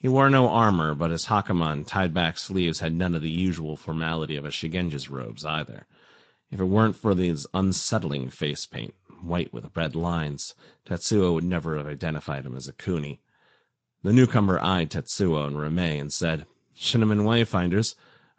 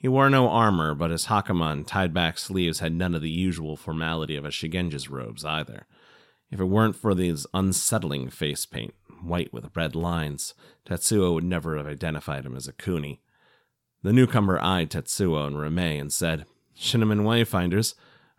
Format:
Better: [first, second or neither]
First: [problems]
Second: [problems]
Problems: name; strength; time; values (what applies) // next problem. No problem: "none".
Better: second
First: garbled, watery; slightly; nothing above 8 kHz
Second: none